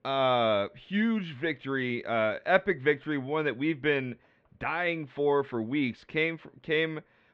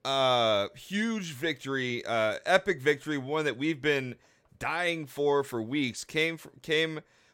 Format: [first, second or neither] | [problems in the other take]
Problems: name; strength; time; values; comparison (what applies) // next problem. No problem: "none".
second | muffled; very; fading above 3 kHz